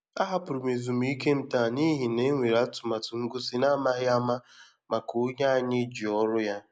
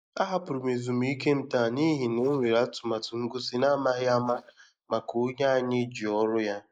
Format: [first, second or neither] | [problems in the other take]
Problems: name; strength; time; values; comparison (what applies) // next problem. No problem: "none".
first | noise reduction (neural mask model Resemble Enhance denoiser)